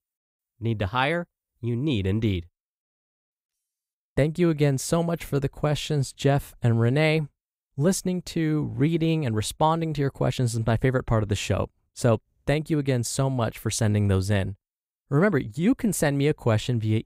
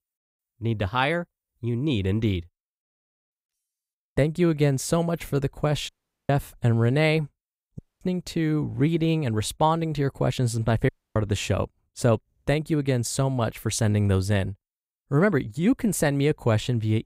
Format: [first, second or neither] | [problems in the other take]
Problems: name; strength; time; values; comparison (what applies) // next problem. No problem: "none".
first | audio cutting out; at 6 s, at 8 s and at 11 s